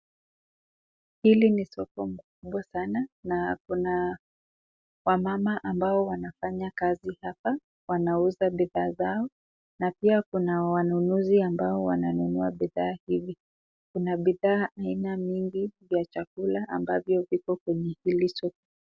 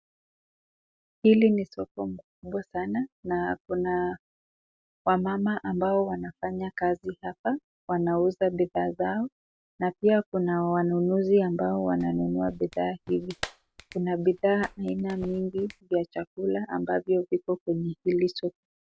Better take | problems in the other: first | background sound (Clapping); 17 dB below the speech

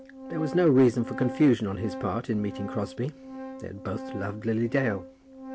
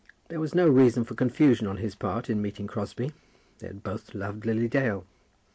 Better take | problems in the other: second | background sound (Organ); 13 dB below the speech

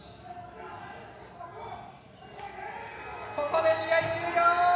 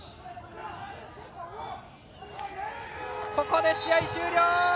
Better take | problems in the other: second | room echo; dies away in 0.9 s

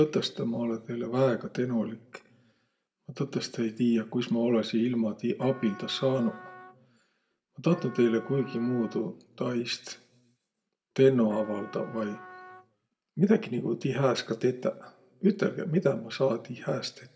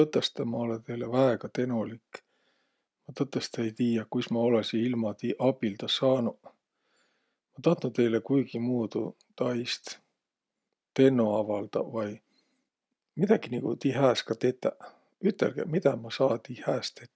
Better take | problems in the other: second | background sound (Trumpet); 19 dB below the speech // room echo; dies away in 0.4 s

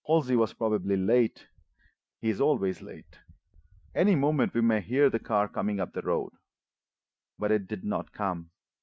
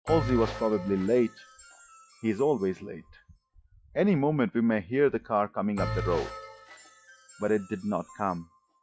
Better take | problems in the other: first | noise reduction (classical method log-MMSE)

